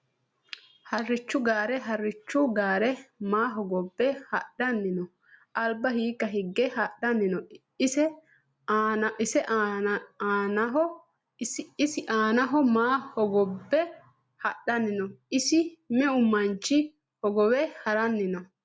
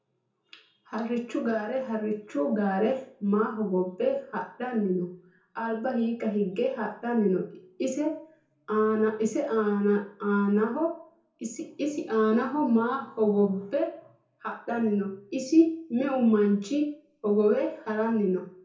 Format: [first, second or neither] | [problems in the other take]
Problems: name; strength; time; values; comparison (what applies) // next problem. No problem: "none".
first | room echo; dies away in 0.6 s